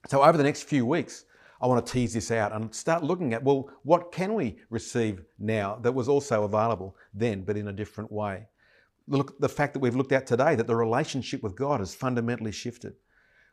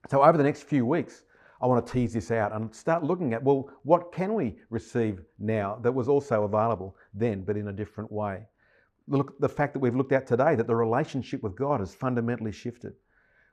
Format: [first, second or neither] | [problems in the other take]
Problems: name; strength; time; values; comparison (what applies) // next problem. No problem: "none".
first | muffled; slightly; fading above 2.5 kHz